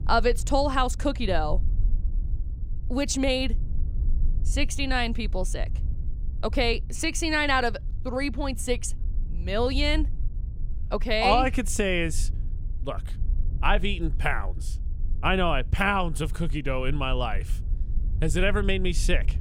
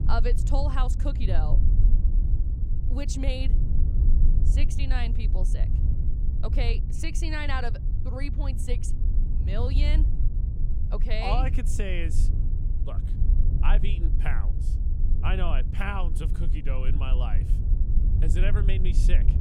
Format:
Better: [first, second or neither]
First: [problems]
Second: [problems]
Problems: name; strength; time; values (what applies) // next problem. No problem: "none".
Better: first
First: low rumble; faint; throughout; 25 dB below the speech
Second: low rumble; loud; throughout; 9 dB below the speech